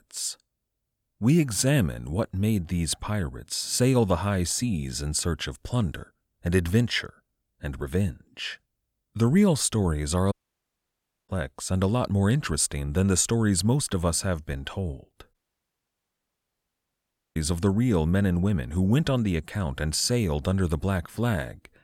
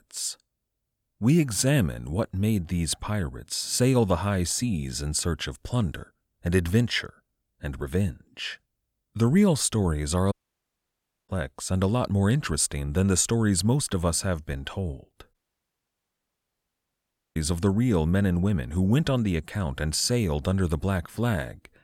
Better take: neither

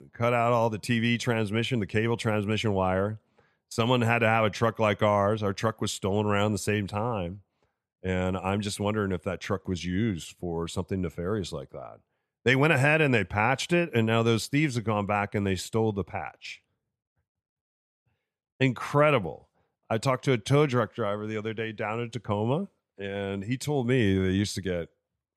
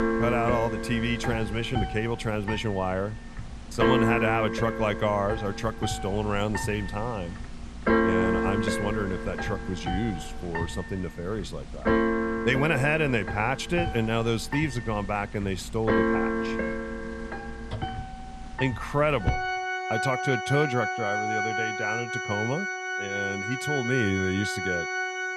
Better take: first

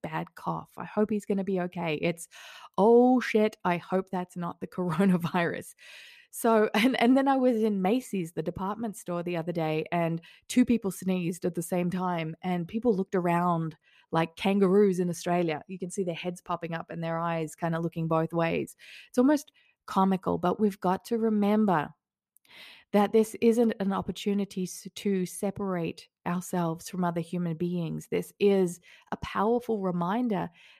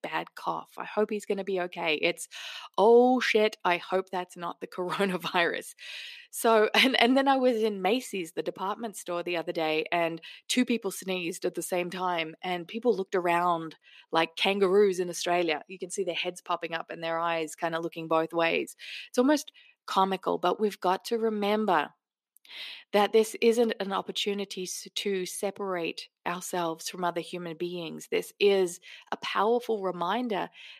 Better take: first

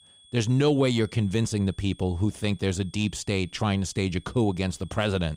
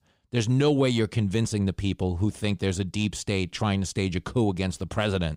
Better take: second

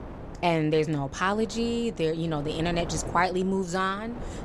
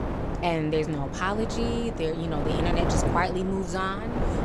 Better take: first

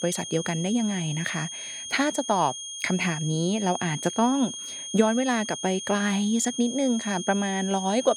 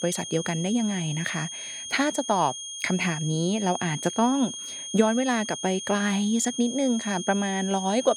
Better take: neither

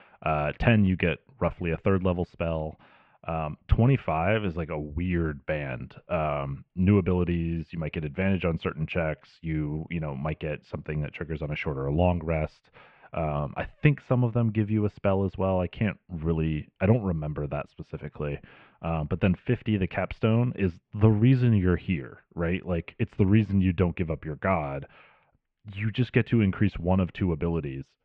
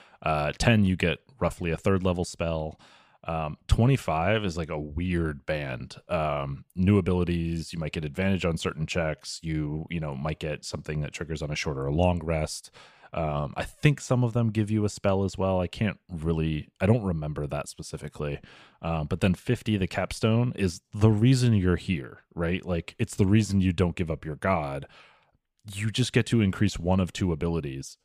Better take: second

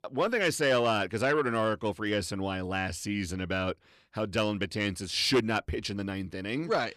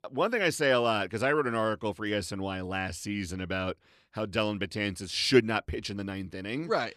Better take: second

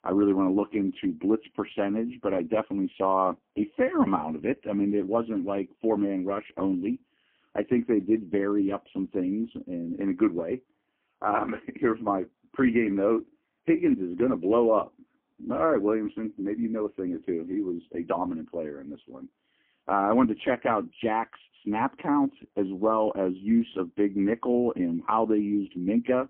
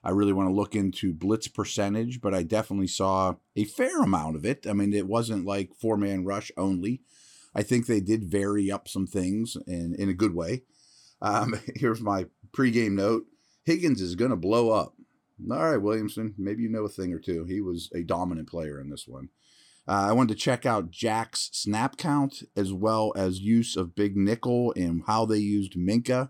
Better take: second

